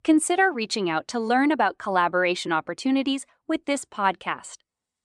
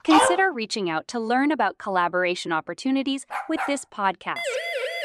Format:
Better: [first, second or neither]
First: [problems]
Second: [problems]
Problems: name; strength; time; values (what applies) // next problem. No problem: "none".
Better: first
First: none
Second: dog barking; loud; at the start; peak 5 dB above the speech // dog barking; noticeable; at 3.5 s; peak 5 dB below the speech // siren; noticeable; at 4.5 s; peak 2 dB below the speech